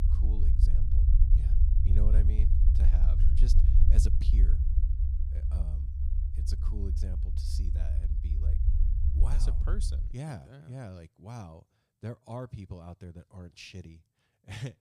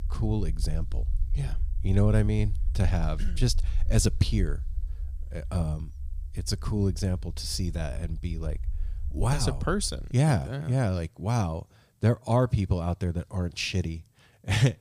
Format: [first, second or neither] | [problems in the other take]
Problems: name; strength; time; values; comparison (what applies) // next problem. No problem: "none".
second | low rumble; loud; until 10 s; 1 dB below the speech; faint in the second